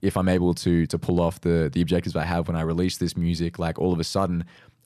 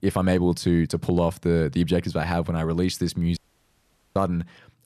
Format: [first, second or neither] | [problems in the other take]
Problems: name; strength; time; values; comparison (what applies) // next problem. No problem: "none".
first | audio cutting out; at 3.5 s for 1 s